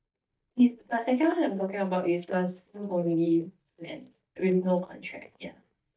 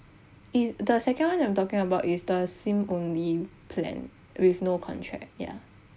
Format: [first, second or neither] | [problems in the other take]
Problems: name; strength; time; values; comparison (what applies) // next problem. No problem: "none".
second | noise reduction (neural mask model DeepFilterNet 3)